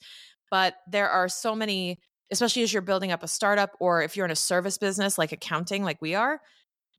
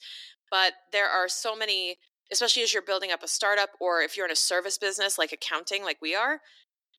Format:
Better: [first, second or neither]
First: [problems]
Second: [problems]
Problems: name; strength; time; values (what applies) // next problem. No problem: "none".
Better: first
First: none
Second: thin; very; fading below 300 Hz